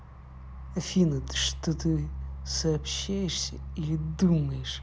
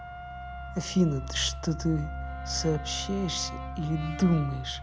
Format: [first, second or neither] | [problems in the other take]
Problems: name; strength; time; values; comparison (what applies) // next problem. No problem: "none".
first | background sound (Wind instrument, woodwind instrument + Brass instrument); 12 dB below the speech